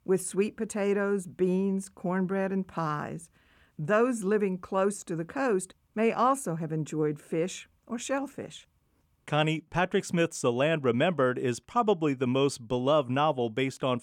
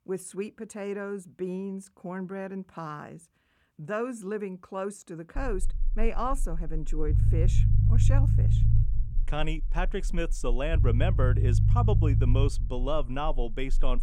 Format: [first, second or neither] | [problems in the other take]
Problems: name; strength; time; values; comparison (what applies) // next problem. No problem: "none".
first | low rumble; loud; from 5.5 s on; 5 dB below the speech